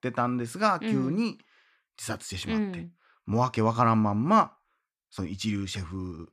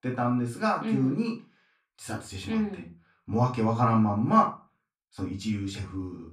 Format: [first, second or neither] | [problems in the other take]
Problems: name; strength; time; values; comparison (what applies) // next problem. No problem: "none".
first | off-mic speech; far // room echo; very slight; dies away in 0.2 s